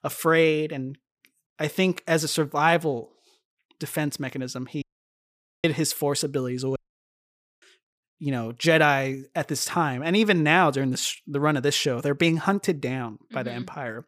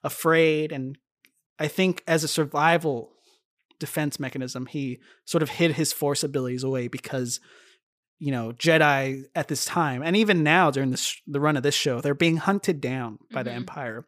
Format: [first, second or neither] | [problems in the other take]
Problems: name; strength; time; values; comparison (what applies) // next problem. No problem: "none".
second | audio cutting out; at 5 s for 1 s and at 7 s for 1 s